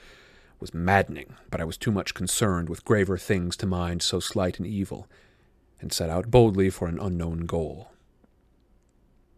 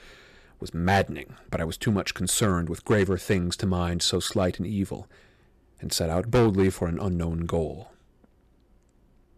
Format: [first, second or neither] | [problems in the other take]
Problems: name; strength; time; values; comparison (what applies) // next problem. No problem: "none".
first | distortion; slight; 2% of the sound clipped